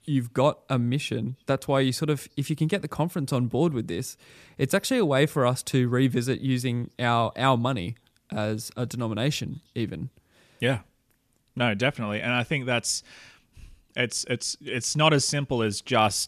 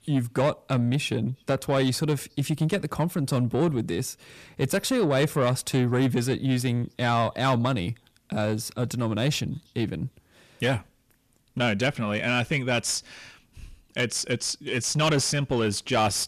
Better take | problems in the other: first | distortion; slight; 10 dB below the speech

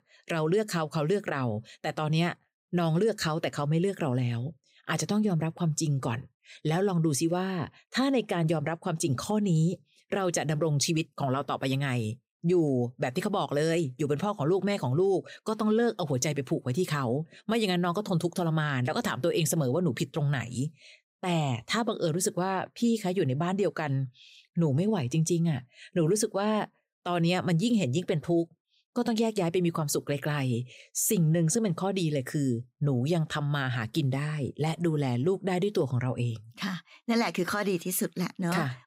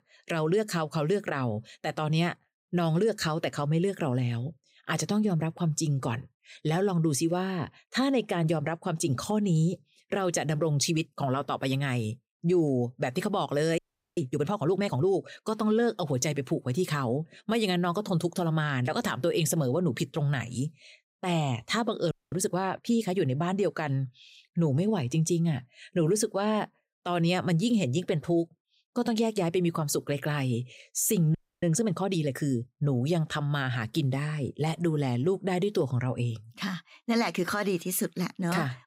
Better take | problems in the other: first | audio freezing; at 14 s, at 22 s and at 31 s

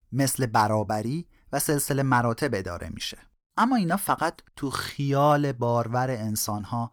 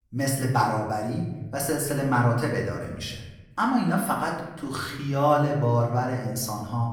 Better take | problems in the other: first | room echo; noticeable; dies away in 1 s // off-mic speech; far

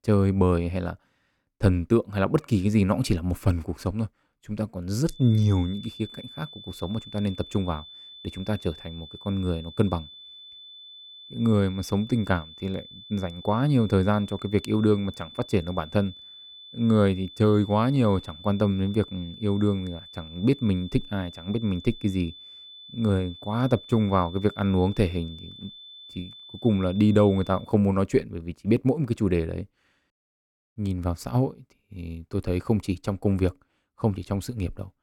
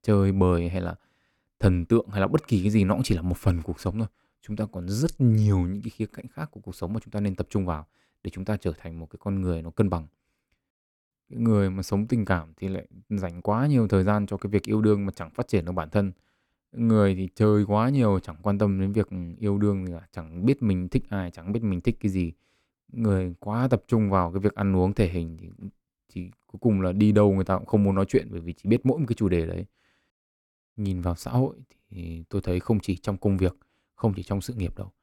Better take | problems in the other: second | high-pitched whine; noticeable; from 5 to 28 s; 3.5 kHz, 15 dB below the speech

